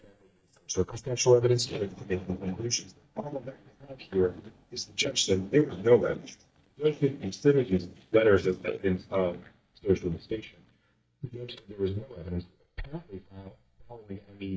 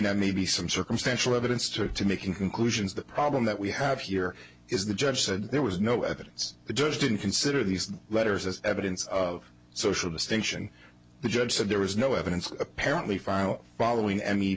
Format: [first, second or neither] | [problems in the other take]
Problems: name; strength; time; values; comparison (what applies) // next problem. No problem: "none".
second | noise reduction (neural mask model DeepFilterNet 3)